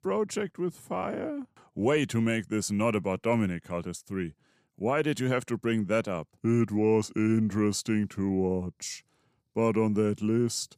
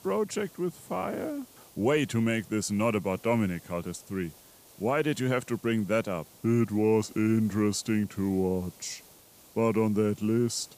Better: first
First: none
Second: hiss; faint; throughout; 25 dB below the speech

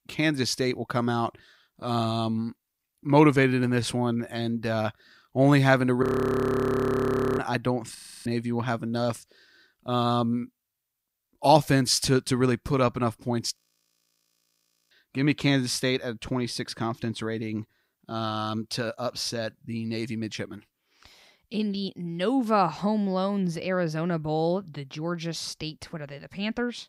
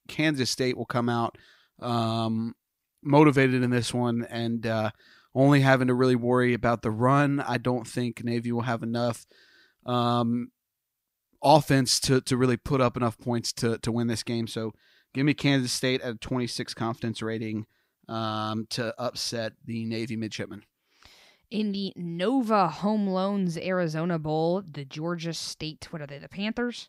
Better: second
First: audio freezing; at 6 s for 1.5 s, at 8 s and at 14 s for 1.5 s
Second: none

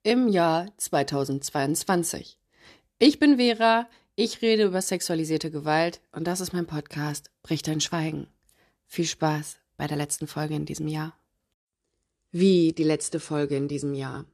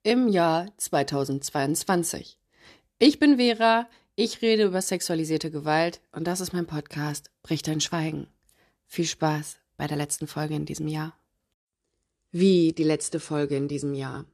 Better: neither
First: none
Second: none

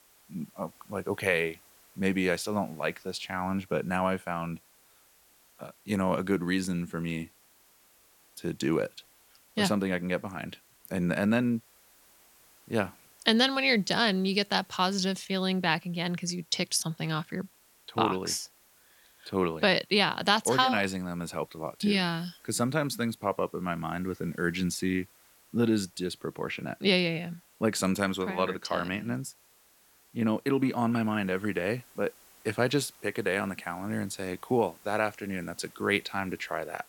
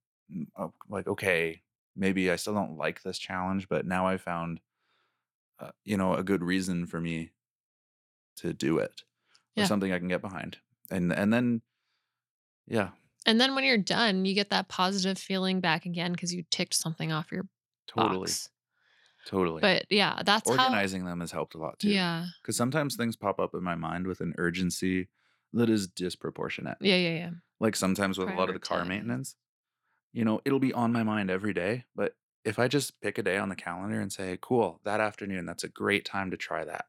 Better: second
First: hiss; faint; throughout; 30 dB below the speech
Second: none

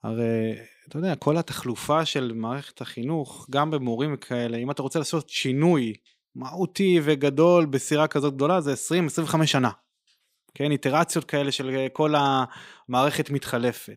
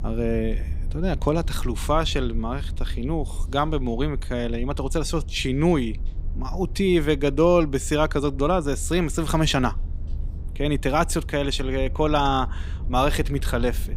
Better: first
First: none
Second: low rumble; faint; throughout; 25 dB below the speech

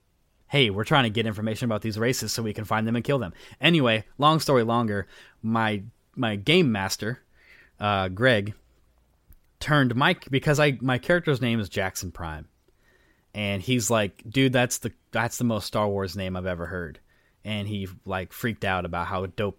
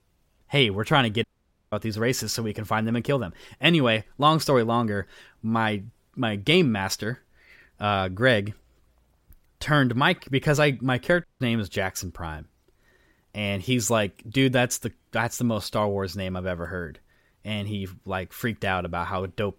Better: first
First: none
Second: audio cutting out; at 1 s and at 11 s

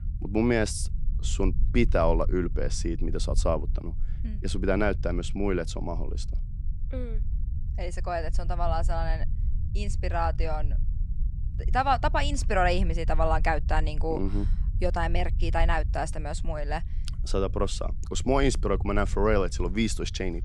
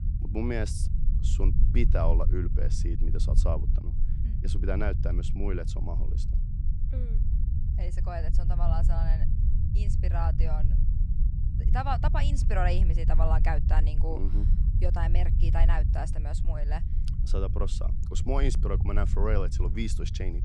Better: first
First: low rumble; faint; throughout; 20 dB below the speech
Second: low rumble; loud; throughout; 9 dB below the speech

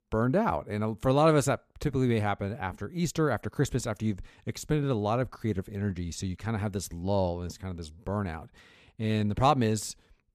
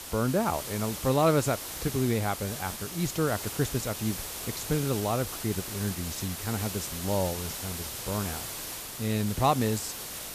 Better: first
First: none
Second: hiss; loud; throughout; 5 dB below the speech

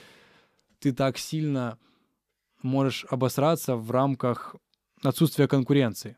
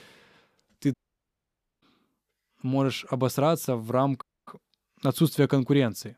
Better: first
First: none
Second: audio cutting out; at 1 s for 1 s and at 4 s

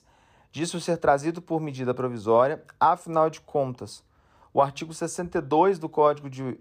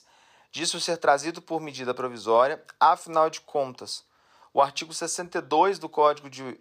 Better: first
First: none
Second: thin; somewhat; fading below 800 Hz

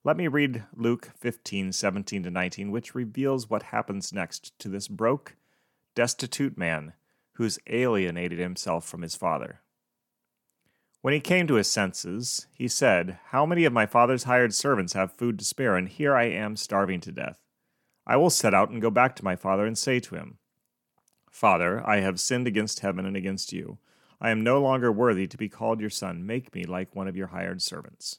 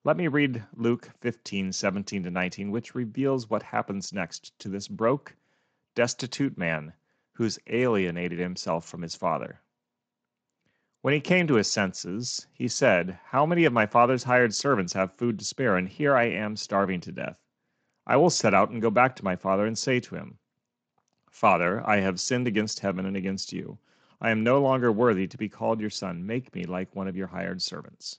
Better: first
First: none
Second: garbled, watery; slightly; nothing above 7.5 kHz

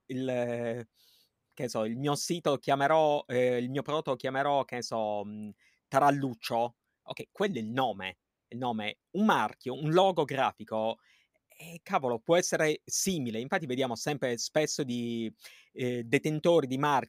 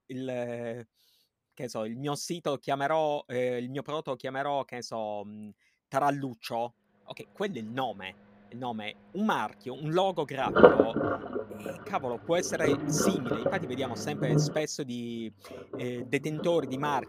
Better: first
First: none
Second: household noises; very loud; from 7 s on; 4 dB above the speech

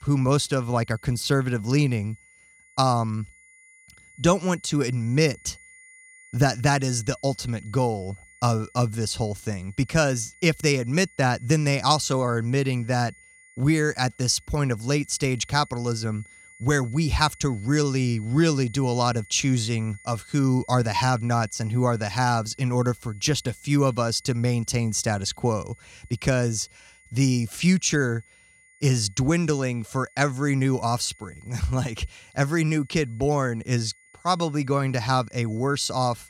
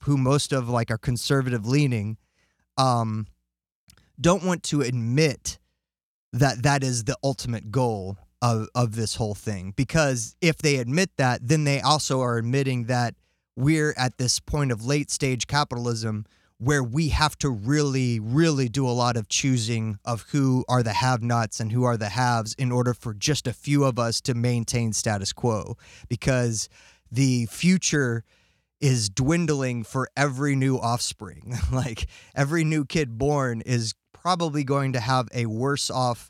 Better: second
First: high-pitched whine; faint; throughout; 2 kHz, 25 dB below the speech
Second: none

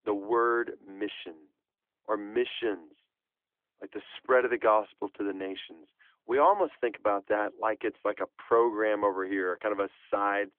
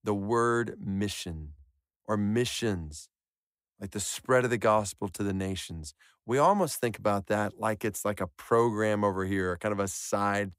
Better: second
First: phone-call audio; nothing above 3.5 kHz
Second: none

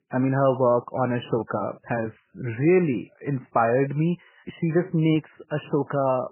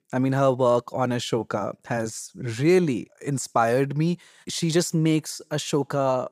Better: second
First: garbled, watery; badly; nothing above 3 kHz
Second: none

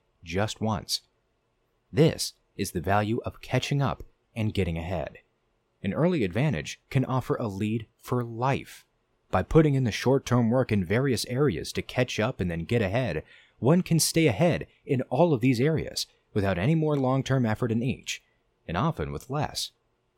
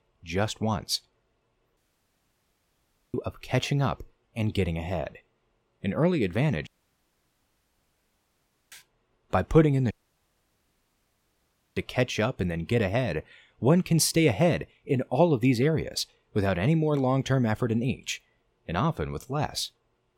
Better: first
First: none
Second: audio cutting out; at 2 s for 1.5 s, at 6.5 s for 2 s and at 10 s for 2 s

